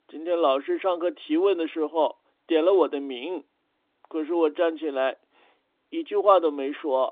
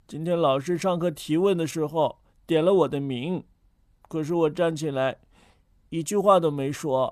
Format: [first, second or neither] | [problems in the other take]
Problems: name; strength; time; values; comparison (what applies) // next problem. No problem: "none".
second | phone-call audio